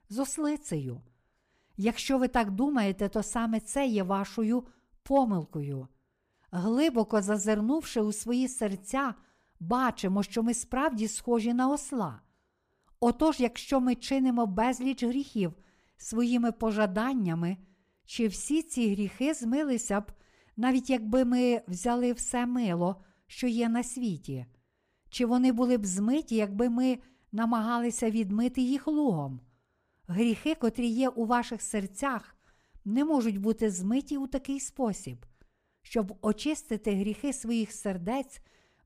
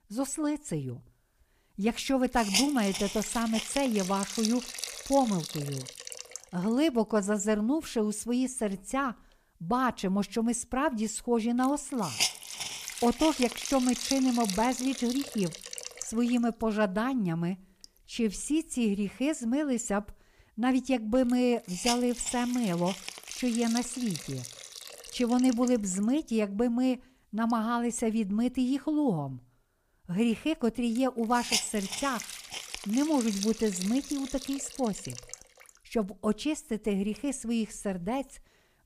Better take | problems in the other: first | hiss; loud; throughout; 6 dB below the speech

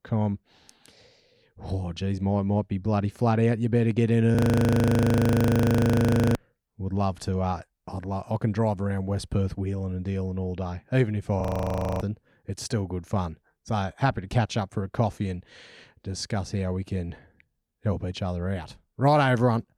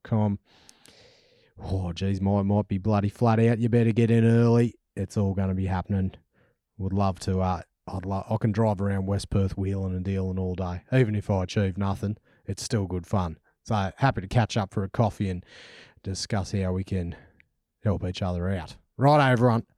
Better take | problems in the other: second | audio freezing; at 4.5 s for 2 s and at 11 s for 0.5 s

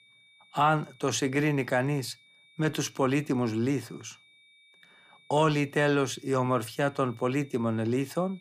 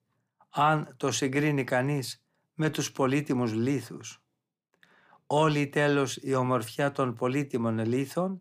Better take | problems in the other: second | high-pitched whine; faint; throughout; 2.5 kHz, 30 dB below the speech

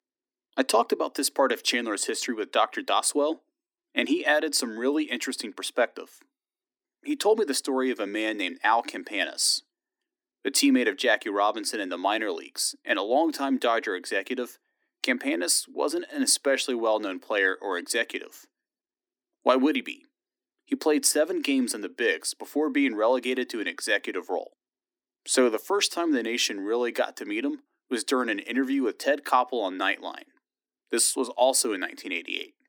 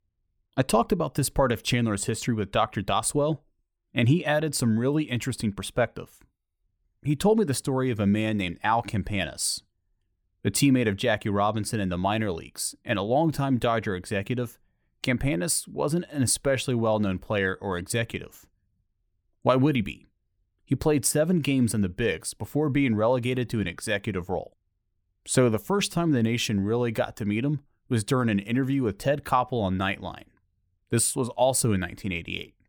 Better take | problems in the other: second | thin; very slightly; fading below 250 Hz

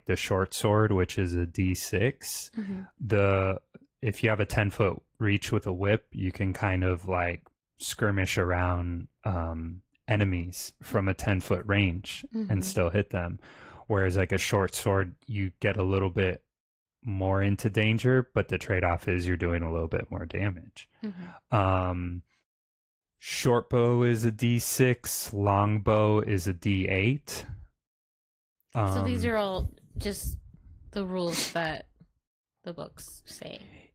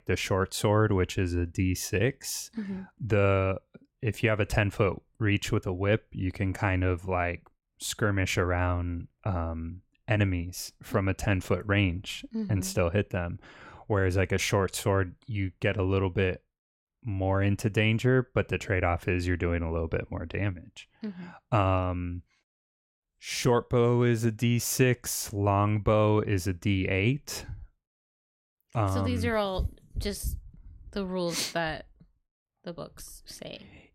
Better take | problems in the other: second | garbled, watery; slightly; nothing above 16 kHz

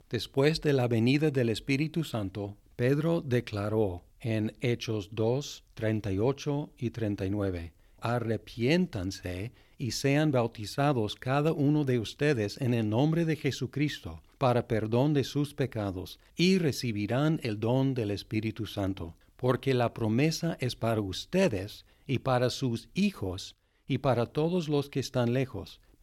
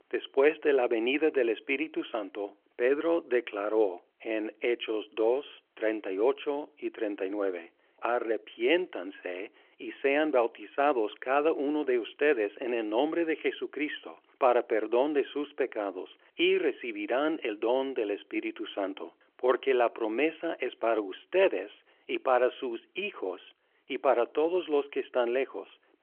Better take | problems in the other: first | phone-call audio

